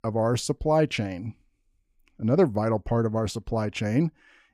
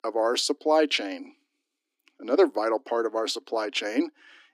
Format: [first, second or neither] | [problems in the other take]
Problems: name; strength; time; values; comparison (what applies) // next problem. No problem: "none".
first | thin; somewhat; fading below 250 Hz